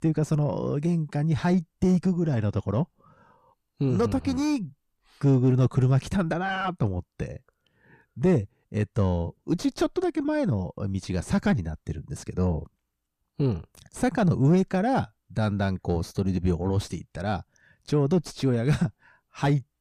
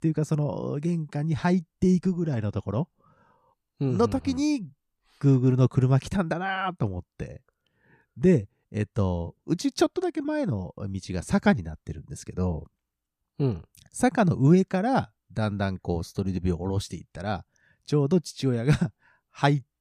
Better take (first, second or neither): second